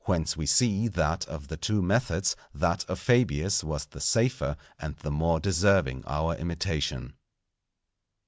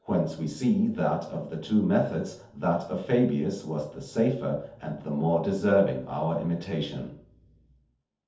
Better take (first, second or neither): first